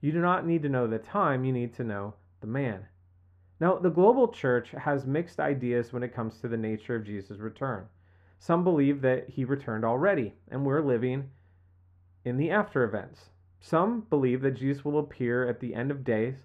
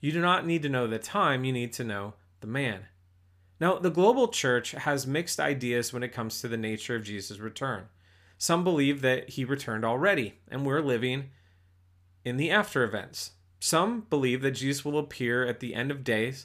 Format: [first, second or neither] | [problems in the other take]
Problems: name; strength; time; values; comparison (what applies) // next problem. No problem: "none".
second | muffled; very; fading above 3 kHz